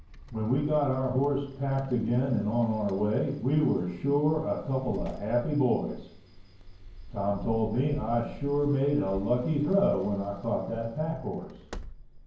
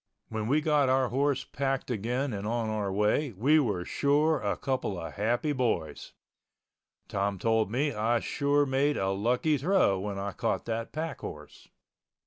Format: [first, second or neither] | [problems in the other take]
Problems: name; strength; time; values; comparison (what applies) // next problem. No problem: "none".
second | background sound (Sliding door); 15 dB below the speech // room echo; dies away in 0.9 s